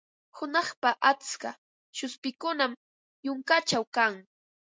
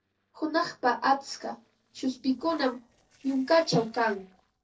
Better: first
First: none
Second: noise reduction (neural separator model SepFormer DNS4)

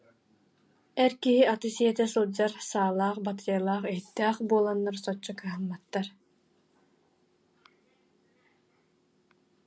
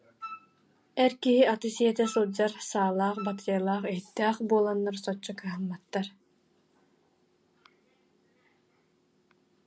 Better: first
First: none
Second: background sound (Wind instrument, woodwind instrument); 16 dB below the speech

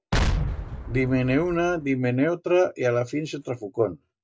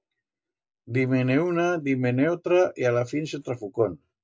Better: second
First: background sound (Explosion); 3 dB below the speech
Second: none

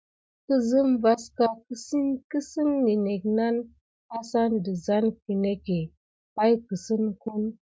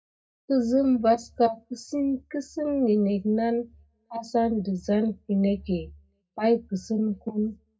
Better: first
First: none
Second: room echo; dies away in 0.2 s

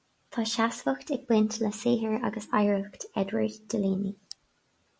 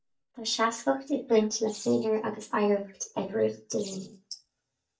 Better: first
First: none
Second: noise reduction (neural mask model DeepFilterNet 3)

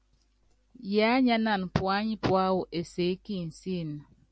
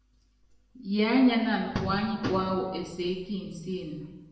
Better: first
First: none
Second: room echo; dies away in 1 s

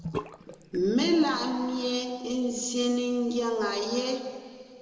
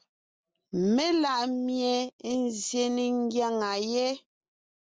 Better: second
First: background sound (Bathtub (filling or washing) / Sink (filling or washing)); 16 dB below the speech // room echo; dies away in 2.1 s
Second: none

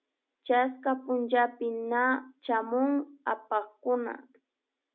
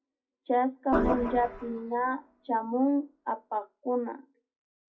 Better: first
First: none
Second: noise reduction (classical method WPE with log-MMSE)

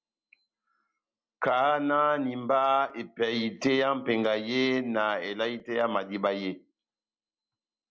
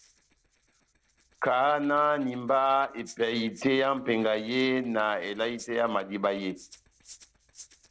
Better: first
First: none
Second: noise reduction (neural separator model SepFormer DNS4)

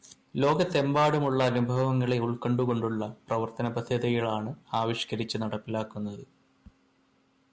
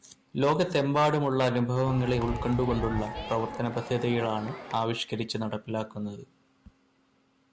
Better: first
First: none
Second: background sound (Crowd); 8 dB below the speech

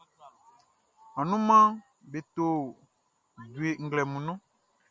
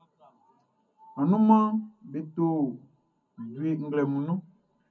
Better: first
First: none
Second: room echo; dies away in 0.4 s

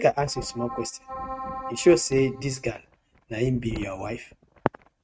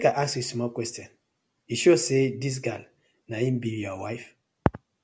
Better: second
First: noise reduction (neural mask model RNNoise)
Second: none

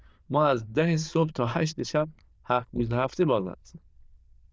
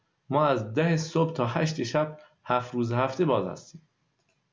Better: second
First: noise reduction (neural diffusion model UNIVERSE++)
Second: none

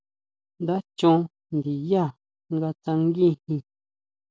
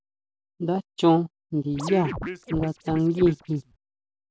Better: first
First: none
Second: background sound (Scratching (performance technique)); 9 dB below the speech

